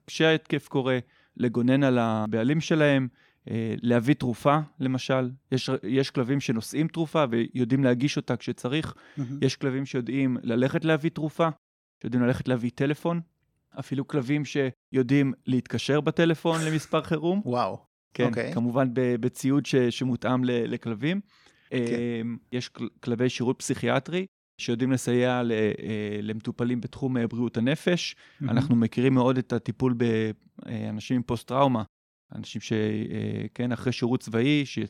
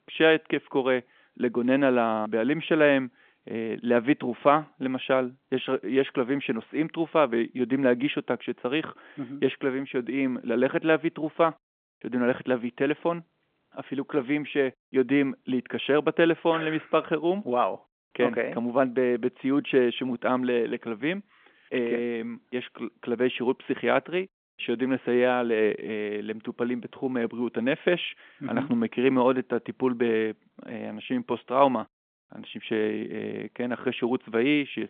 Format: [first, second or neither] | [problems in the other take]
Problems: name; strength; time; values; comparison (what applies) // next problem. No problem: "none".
first | phone-call audio; nothing above 3.5 kHz